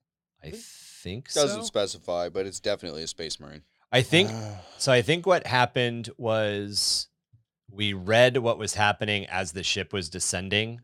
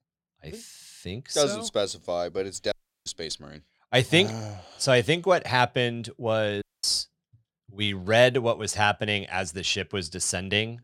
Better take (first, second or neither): first